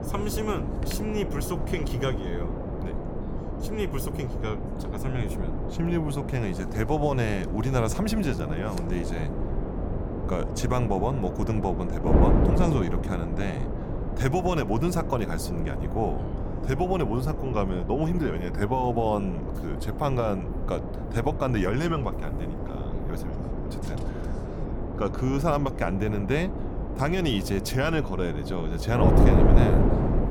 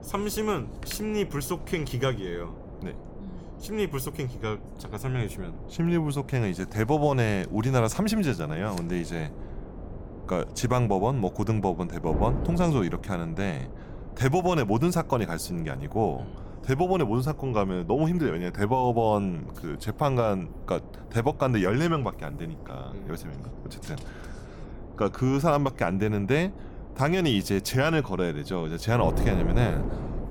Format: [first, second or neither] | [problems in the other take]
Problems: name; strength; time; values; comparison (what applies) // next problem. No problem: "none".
second | wind noise on the microphone; heavy; 5 dB below the speech; occasional gusts in the second